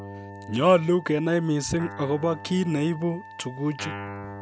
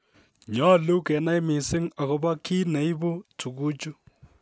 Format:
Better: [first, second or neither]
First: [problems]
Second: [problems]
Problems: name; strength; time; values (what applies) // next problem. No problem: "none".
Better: second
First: background sound (Wind instrument, woodwind instrument + Guitar); 14 dB below the speech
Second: none